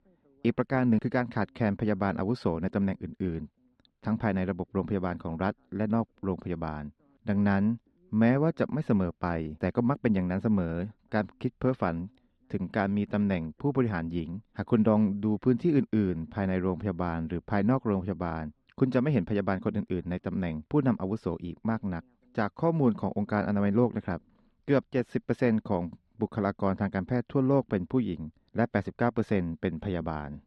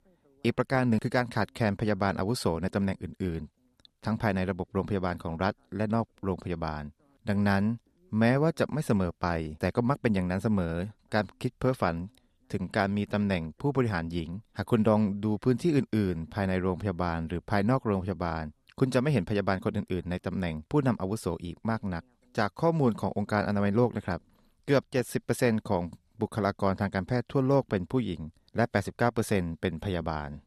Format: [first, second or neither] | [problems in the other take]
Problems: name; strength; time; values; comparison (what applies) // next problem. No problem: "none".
second | muffled; slightly; fading above 3 kHz